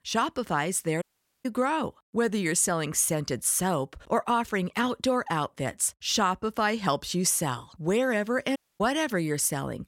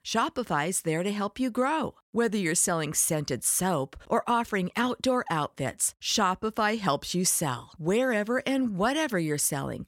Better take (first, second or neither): second